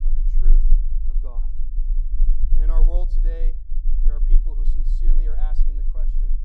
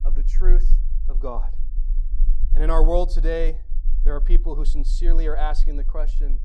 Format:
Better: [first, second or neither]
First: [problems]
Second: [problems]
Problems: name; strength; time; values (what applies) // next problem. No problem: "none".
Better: second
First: low rumble; loud; throughout; 7 dB below the speech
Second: low rumble; faint; throughout; 25 dB below the speech